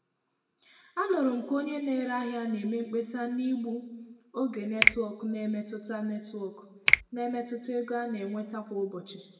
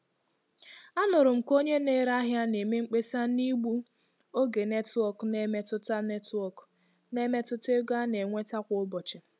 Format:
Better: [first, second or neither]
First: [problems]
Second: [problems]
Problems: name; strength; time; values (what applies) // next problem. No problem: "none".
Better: second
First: background sound (Finger snapping); 2 dB above the speech // room echo; dies away in 1.1 s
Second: none